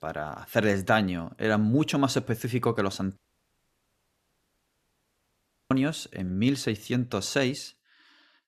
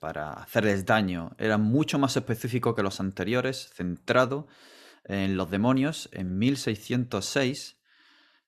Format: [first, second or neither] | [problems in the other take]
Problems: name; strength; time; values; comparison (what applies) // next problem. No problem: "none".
second | audio cutting out; at 3 s for 2.5 s